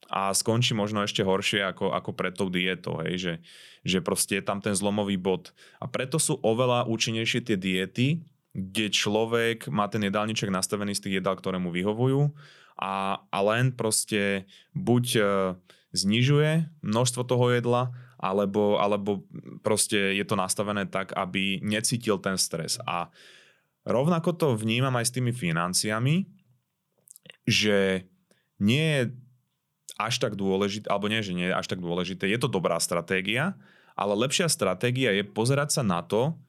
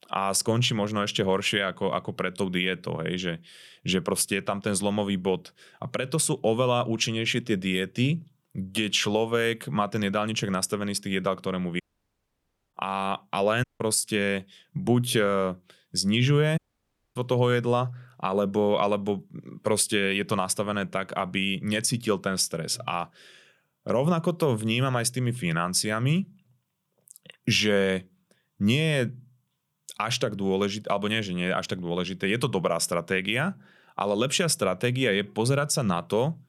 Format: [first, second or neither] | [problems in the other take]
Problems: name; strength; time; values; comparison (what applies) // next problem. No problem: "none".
first | audio cutting out; at 12 s for 1 s, at 14 s and at 17 s for 0.5 s